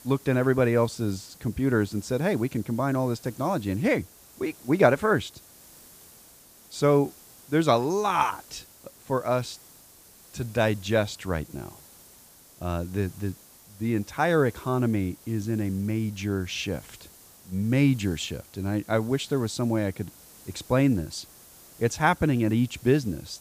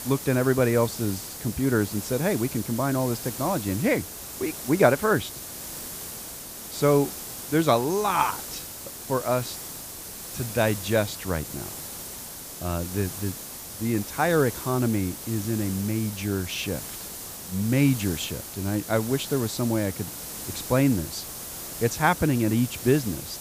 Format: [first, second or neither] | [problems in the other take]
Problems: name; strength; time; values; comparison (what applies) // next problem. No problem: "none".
first | hiss; loud; throughout; 9 dB below the speech; faint in the first